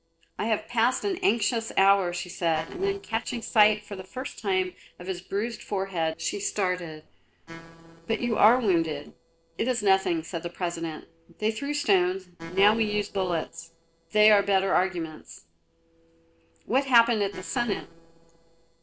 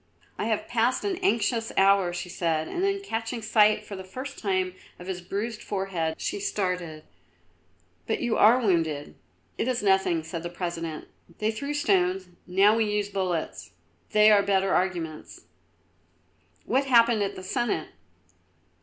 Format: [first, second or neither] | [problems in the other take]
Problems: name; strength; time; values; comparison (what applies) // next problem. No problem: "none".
second | noise reduction (neural separator model SepFormer DNS4)